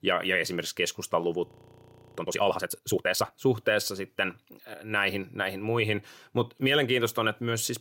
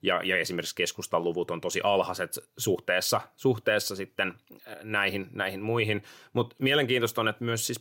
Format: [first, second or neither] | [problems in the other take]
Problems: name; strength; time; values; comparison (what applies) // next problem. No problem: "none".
second | audio freezing; at 1.5 s for 0.5 s